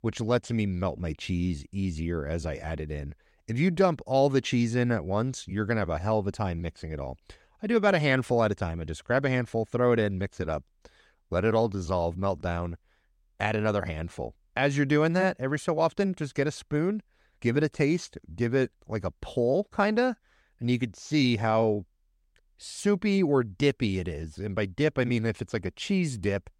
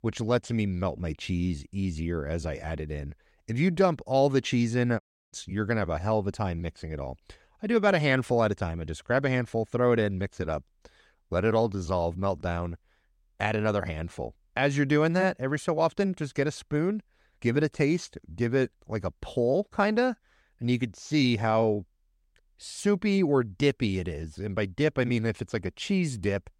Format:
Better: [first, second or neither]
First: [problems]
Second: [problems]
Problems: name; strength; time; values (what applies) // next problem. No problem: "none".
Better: first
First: none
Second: audio cutting out; at 5 s